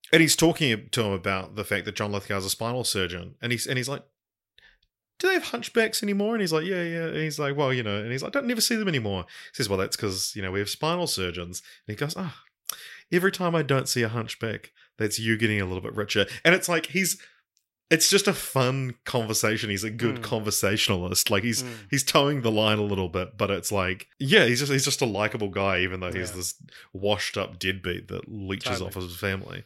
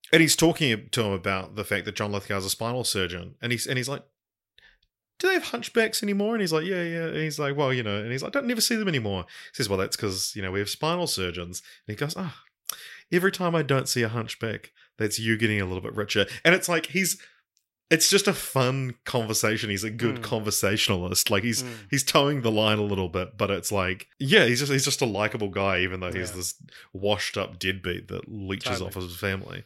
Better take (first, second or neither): neither